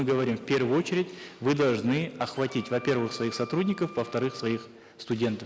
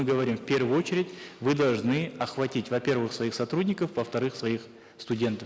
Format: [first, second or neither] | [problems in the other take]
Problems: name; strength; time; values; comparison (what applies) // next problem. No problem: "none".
second | background sound (Wind instrument, woodwind instrument); 19 dB below the speech